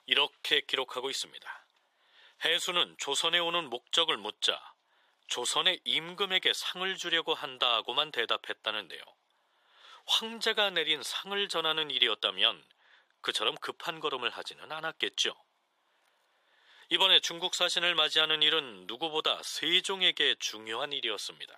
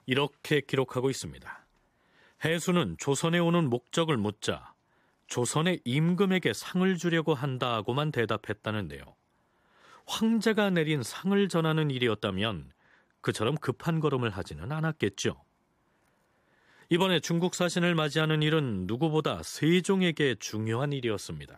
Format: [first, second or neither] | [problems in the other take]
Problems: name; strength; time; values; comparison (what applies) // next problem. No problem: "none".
second | thin; very; fading below 650 Hz